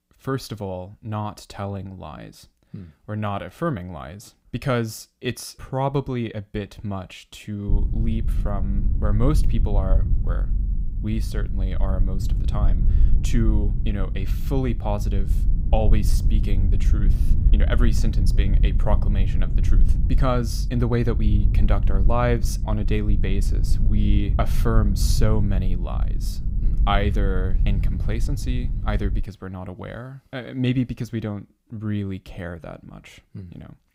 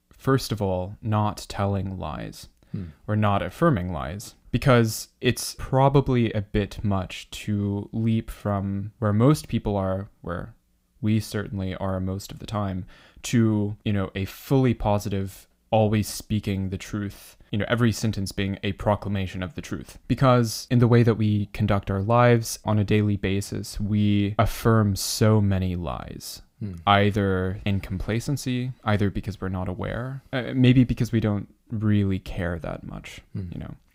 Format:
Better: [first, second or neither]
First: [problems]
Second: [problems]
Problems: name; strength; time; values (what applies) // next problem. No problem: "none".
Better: second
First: low rumble; noticeable; from 7.5 to 29 s; 10 dB below the speech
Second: none